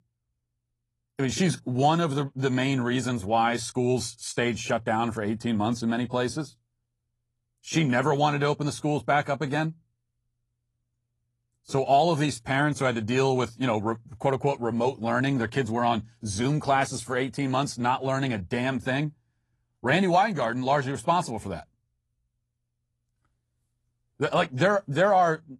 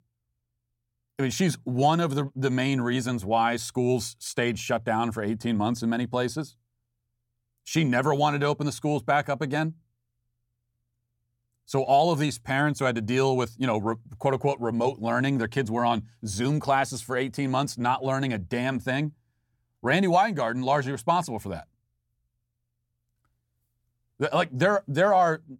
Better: second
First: garbled, watery; slightly; nothing above 11 kHz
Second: none

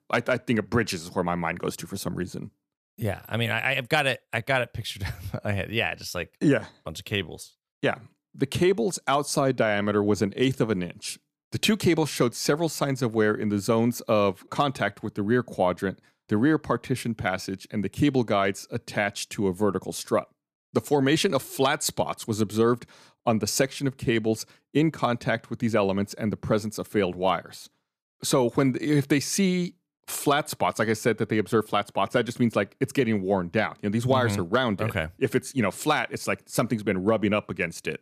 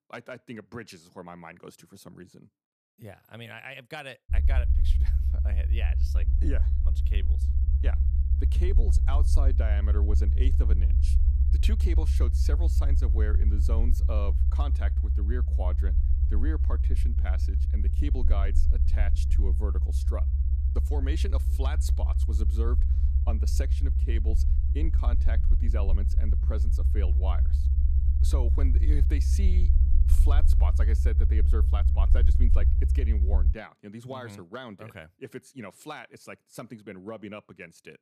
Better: first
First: none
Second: low rumble; loud; from 4.5 to 34 s; 4 dB below the speech

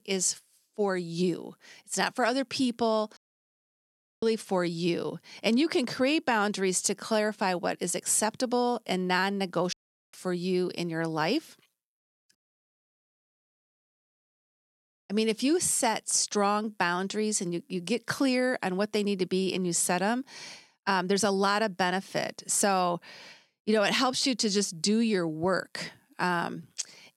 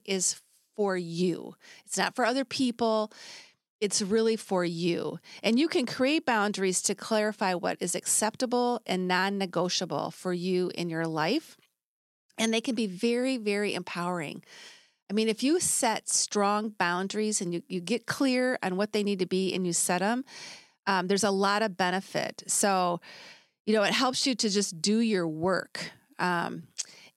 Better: second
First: audio cutting out; at 3 s for 1 s, at 9.5 s and at 12 s for 2.5 s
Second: none

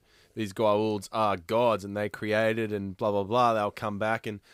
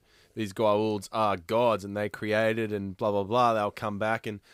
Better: neither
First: none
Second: none

